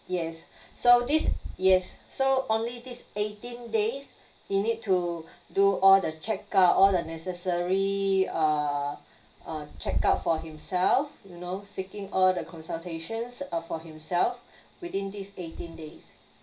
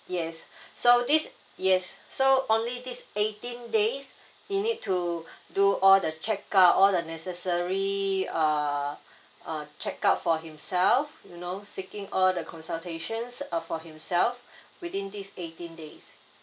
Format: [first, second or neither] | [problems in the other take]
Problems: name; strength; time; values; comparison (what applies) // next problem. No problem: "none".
second | background sound (Wind / Bird); 12 dB below the speech // room echo; dies away in 0.5 s